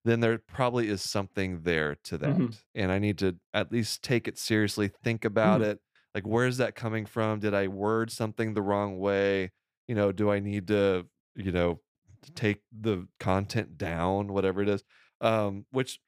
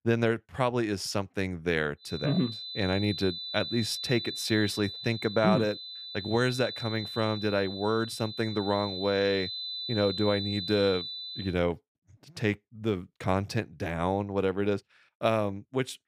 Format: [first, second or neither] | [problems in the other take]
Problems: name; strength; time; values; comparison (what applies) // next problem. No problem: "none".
first | high-pitched whine; loud; from 2 to 11 s; 4 kHz, 6 dB below the speech